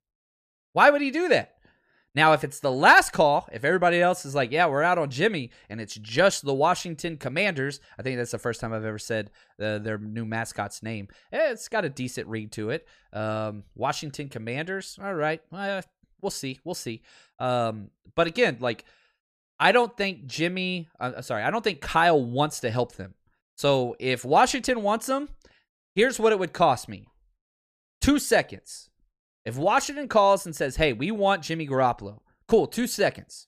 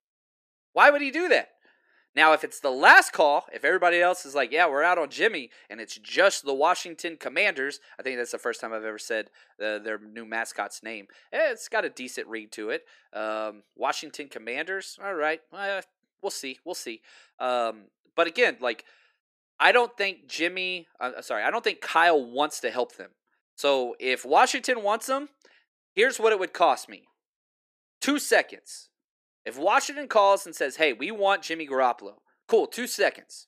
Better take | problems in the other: first | thin; somewhat; fading below 300 Hz

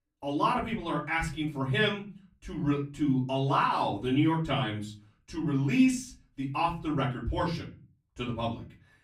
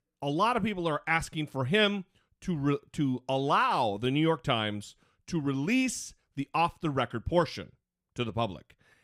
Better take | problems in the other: second | off-mic speech; far // room echo; very slight; dies away in 0.4 s

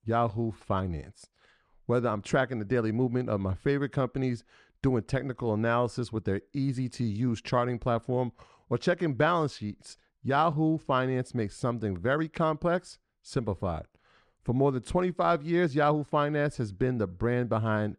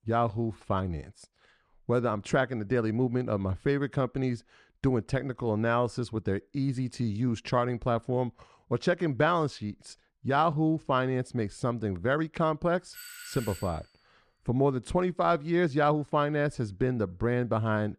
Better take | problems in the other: first | doorbell; faint; at 13 s; peak 10 dB below the speech

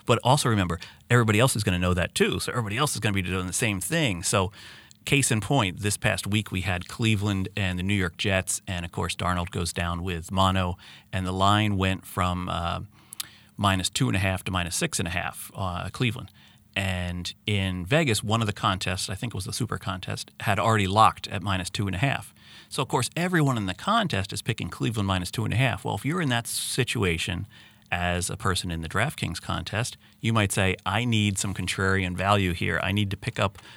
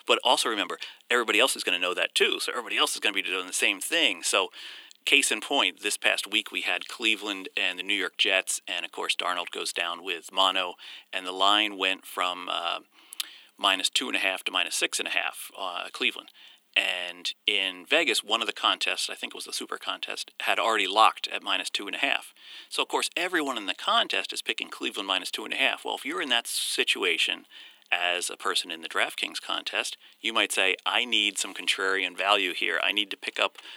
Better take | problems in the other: first | thin; very; fading below 300 Hz

